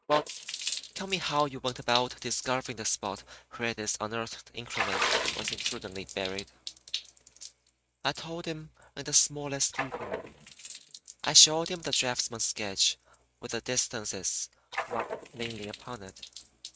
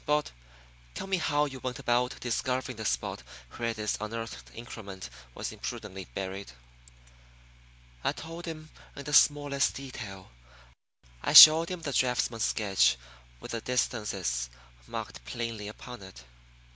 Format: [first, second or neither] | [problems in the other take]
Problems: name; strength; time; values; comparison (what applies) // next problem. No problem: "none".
second | noise reduction (neural mask model RNNoise)